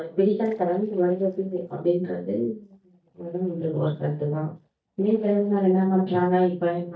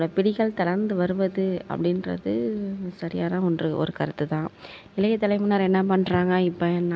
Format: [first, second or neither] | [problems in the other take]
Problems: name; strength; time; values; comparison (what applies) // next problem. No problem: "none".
second | noise reduction (neural mask model DeepFilterNet 3)